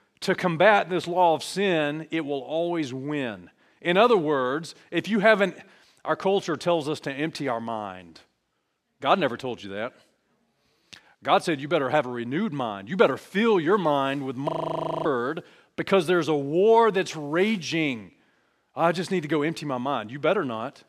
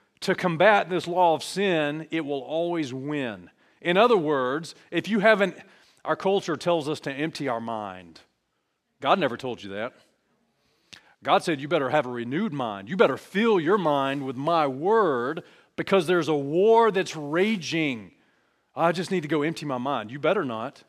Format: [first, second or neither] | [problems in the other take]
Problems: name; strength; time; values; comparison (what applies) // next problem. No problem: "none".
second | audio freezing; at 14 s for 0.5 s